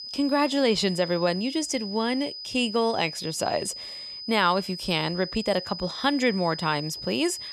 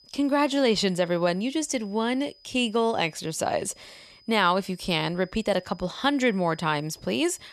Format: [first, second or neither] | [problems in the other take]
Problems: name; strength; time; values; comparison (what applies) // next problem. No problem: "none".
second | high-pitched whine; loud; throughout; 5 kHz, 9 dB below the speech; faint in the second